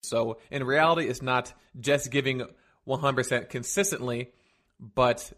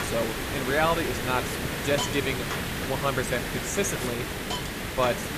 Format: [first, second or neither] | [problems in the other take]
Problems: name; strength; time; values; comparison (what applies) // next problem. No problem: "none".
first | hiss; loud; throughout; 1 dB below the speech